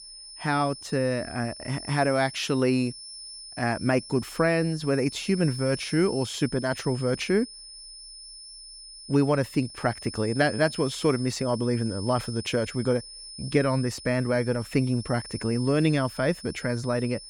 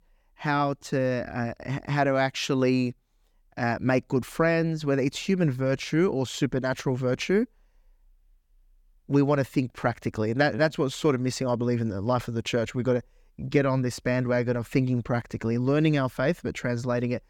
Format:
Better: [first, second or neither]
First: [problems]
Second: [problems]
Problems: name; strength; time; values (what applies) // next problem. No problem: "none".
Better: second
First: high-pitched whine; noticeable; throughout; 5.5 kHz, 15 dB below the speech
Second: none